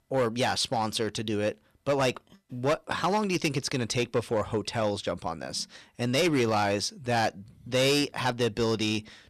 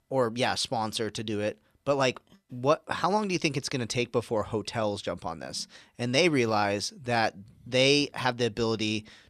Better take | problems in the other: second | distortion; slight; 6% of the sound clipped

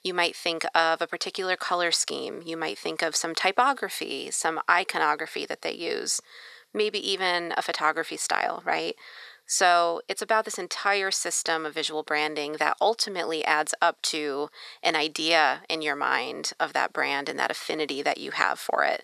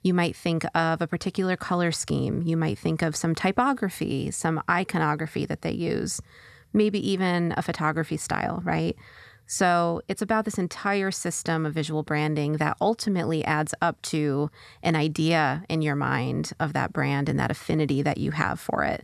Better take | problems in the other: second | thin; very; fading below 450 Hz

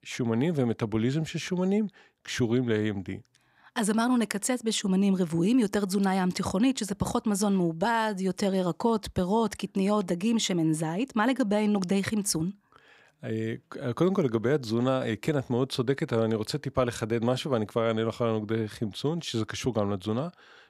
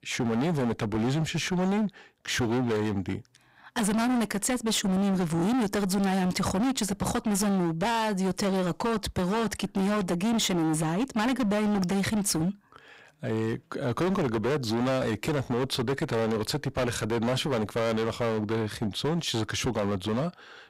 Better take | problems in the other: first | distortion; heavy; 27% of the sound clipped

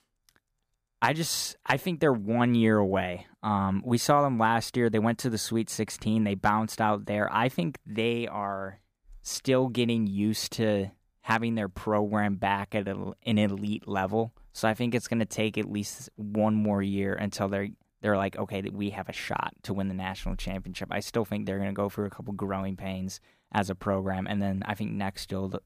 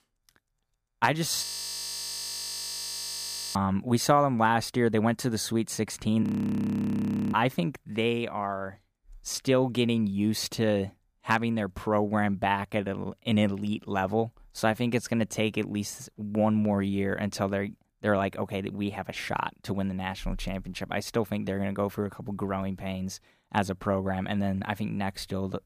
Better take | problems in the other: first | audio freezing; at 1.5 s for 2 s and at 6 s for 1 s

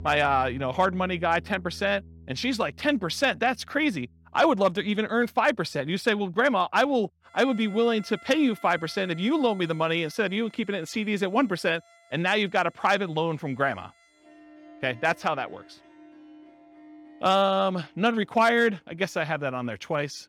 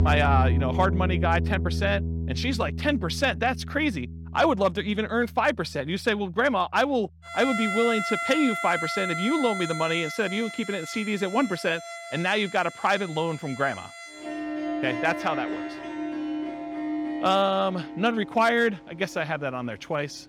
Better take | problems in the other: first | background music; loud; throughout; 5 dB below the speech; faint in the first

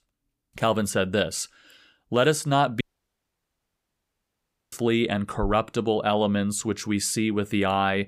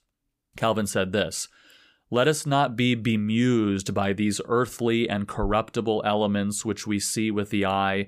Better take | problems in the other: second | audio cutting out; at 3 s for 2 s

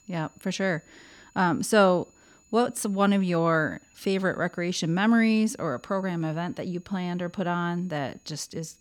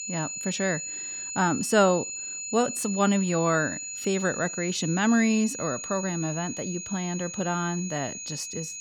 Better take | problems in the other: first | high-pitched whine; loud; throughout; 7 kHz, 6 dB below the speech; faint in the first

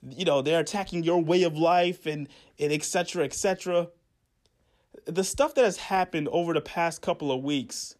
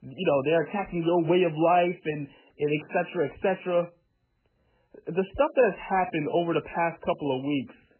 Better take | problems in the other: first | garbled, watery; badly; nothing above 3 kHz

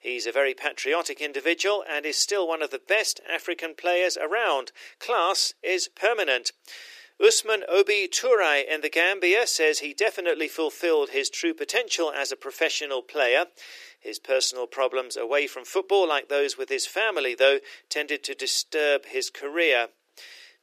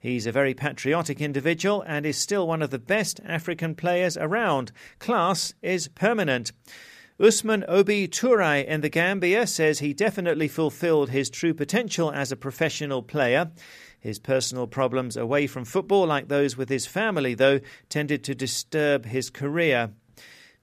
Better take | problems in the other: second | thin; very; fading below 350 Hz

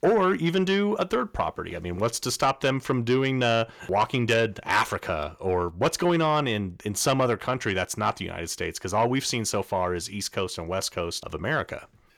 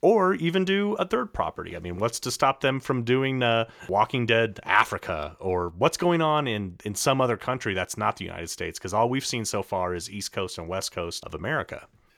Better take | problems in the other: second | distortion; slight; 10 dB below the speech

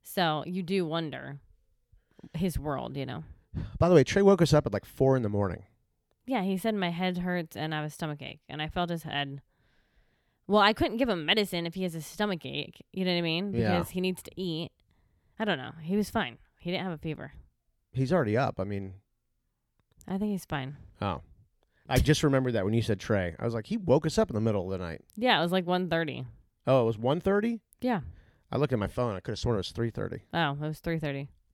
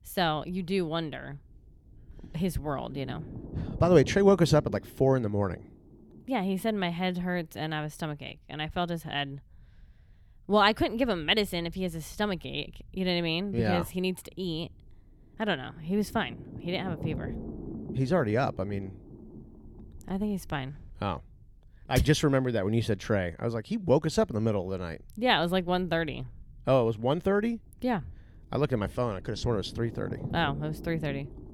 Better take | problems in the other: first | low rumble; noticeable; throughout; 20 dB below the speech

